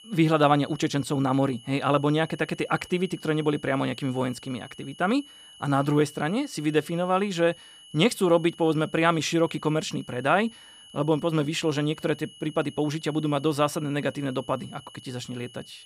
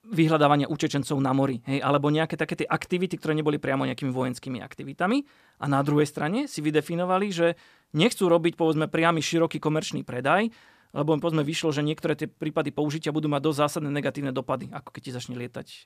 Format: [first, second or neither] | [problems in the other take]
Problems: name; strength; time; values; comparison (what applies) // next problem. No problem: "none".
second | high-pitched whine; faint; throughout; 3 kHz, 20 dB below the speech